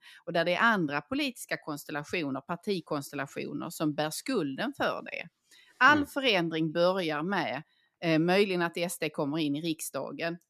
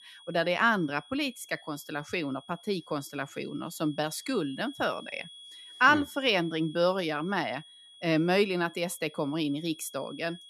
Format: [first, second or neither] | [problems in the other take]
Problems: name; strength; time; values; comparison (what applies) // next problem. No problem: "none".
first | high-pitched whine; noticeable; throughout; 3.5 kHz, 20 dB below the speech